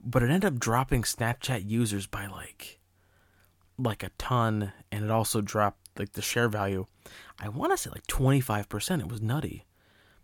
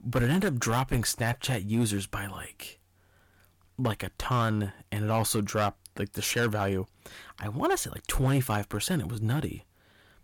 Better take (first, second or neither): first